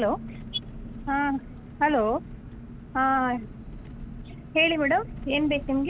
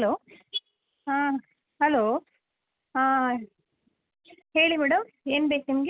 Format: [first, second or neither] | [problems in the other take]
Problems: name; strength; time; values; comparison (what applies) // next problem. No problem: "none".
second | background sound (Engine); 12 dB below the speech